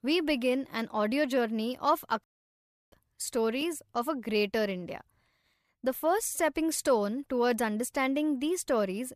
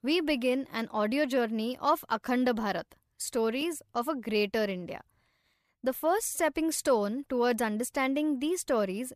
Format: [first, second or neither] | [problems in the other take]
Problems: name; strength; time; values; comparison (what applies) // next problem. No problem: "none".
second | audio cutting out; at 2 s for 0.5 s